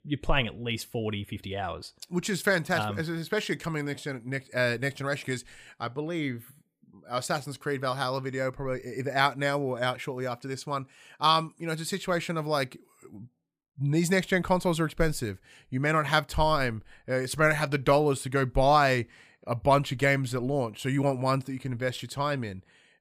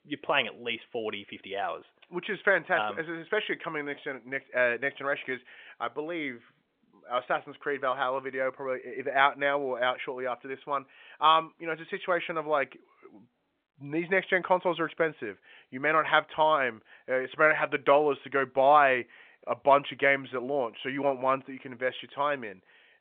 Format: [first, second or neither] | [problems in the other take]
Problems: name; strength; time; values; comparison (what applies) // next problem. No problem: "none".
first | phone-call audio; nothing above 3.5 kHz